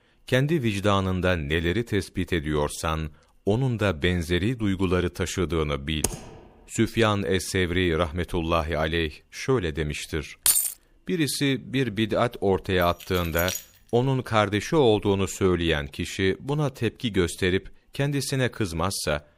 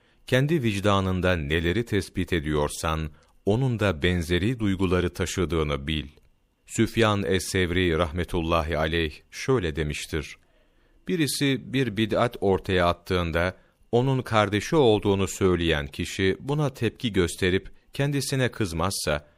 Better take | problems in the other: second | keyboard typing; noticeable; at 6 s; peak 4 dB below the speech // jangling keys; loud; at 10 s; peak 5 dB above the speech // jangling keys; noticeable; at 13 s; peak 5 dB below the speech

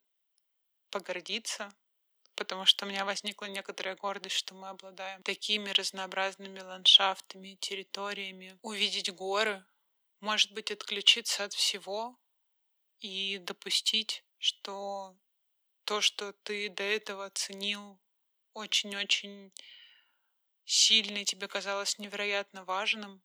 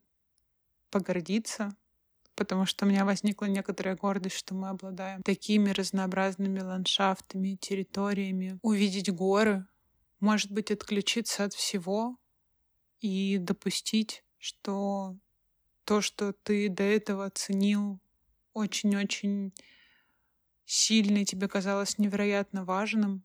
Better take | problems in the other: second | thin; very; fading below 550 Hz

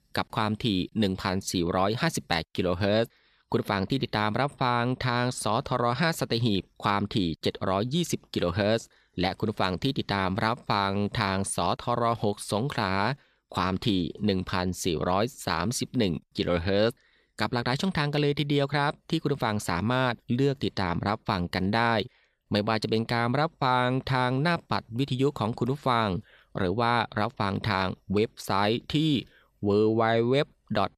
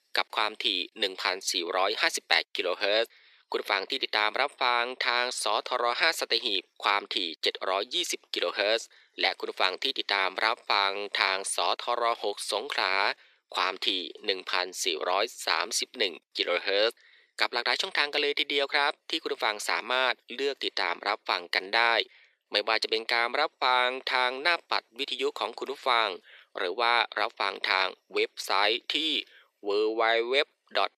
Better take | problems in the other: first | thin; very; fading below 350 Hz

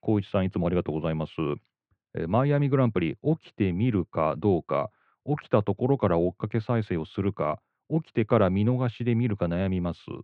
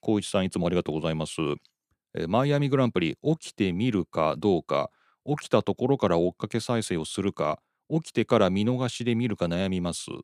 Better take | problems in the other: second | muffled; very; fading above 2.5 kHz

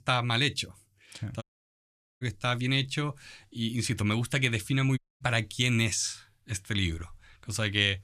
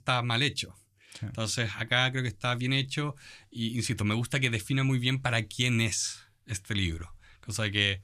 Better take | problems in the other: second | audio cutting out; at 1.5 s for 1 s and at 5 s

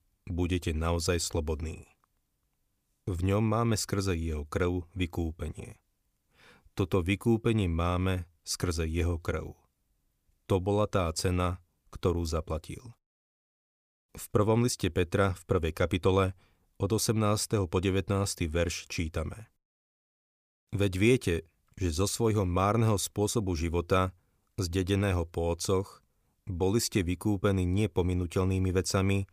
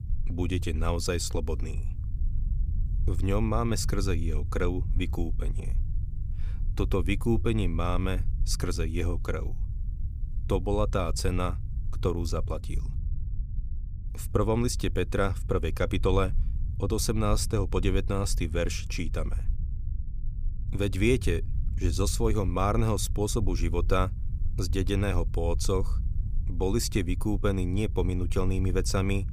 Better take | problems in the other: first | low rumble; noticeable; throughout; 20 dB below the speech

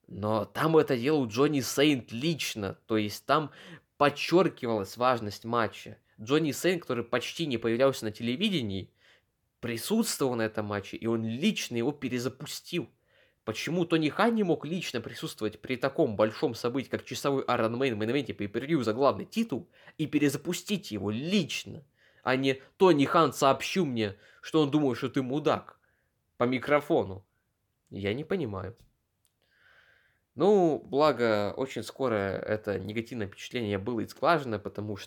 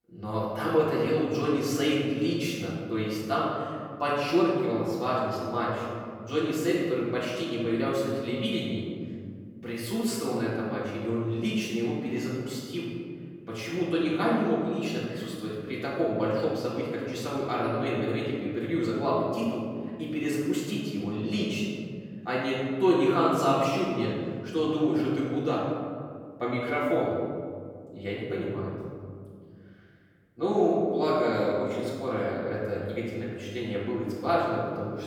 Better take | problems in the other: first | off-mic speech; far // room echo; noticeable; dies away in 2.2 s

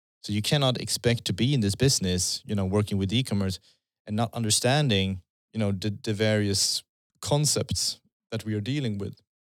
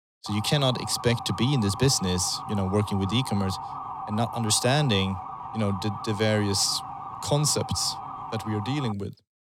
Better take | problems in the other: first | siren; noticeable; until 9 s; peak 9 dB below the speech

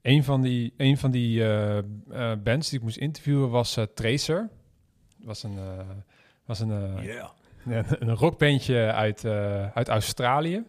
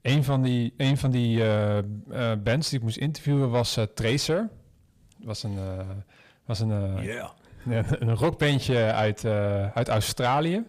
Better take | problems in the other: first | distortion; slight; 10 dB below the speech

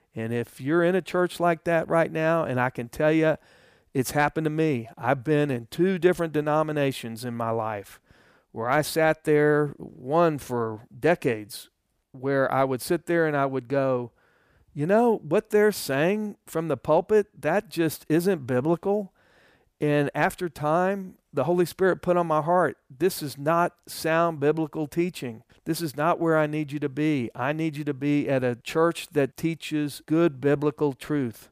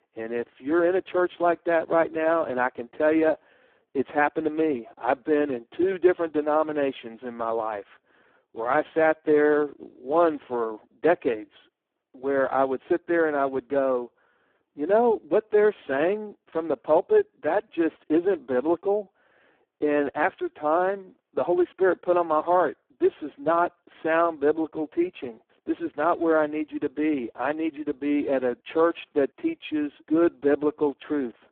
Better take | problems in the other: first | phone-call audio; poor line

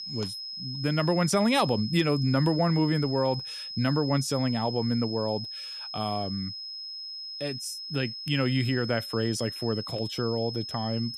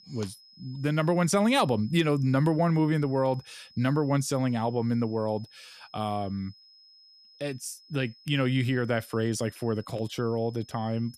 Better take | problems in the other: second | high-pitched whine; loud; throughout; 5 kHz, 7 dB below the speech; faint in the second

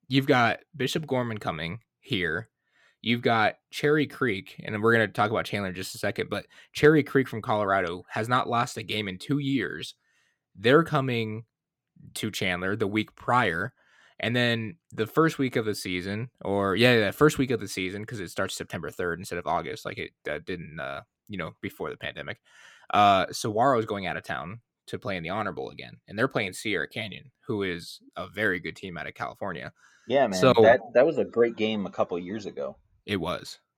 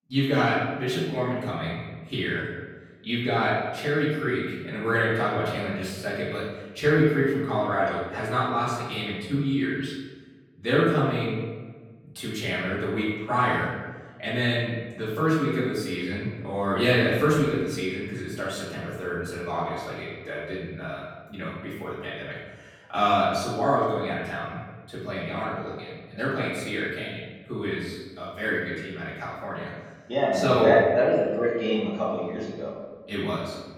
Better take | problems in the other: first | off-mic speech; far // room echo; noticeable; dies away in 1.1 s

